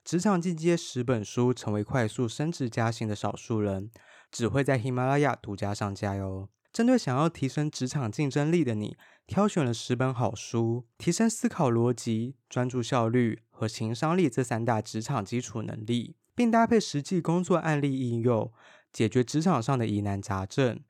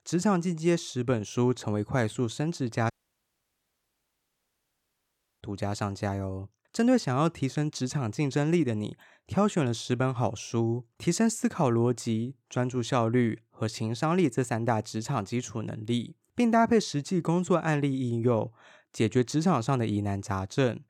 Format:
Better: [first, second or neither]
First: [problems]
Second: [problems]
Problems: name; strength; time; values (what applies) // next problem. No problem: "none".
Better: first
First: none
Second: audio cutting out; at 3 s for 2.5 s